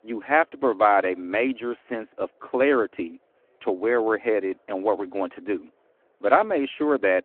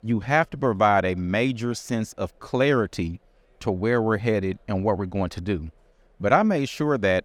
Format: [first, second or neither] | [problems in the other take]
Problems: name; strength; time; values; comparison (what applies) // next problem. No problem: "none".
second | phone-call audio